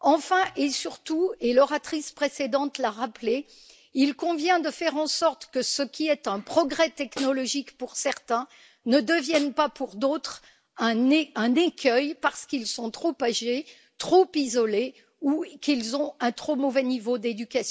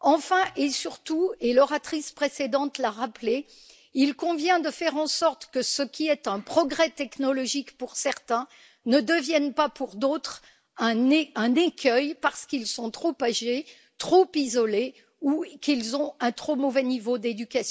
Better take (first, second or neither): second